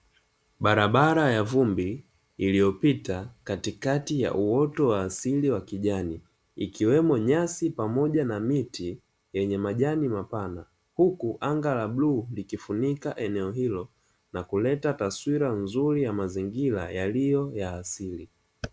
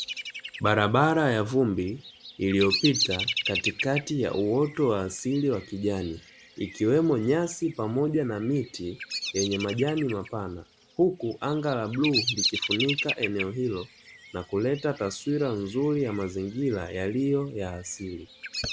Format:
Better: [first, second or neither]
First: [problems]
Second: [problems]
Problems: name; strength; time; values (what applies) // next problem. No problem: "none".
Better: first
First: none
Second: background sound (Bird vocalization, bird call, bird song); 8 dB below the speech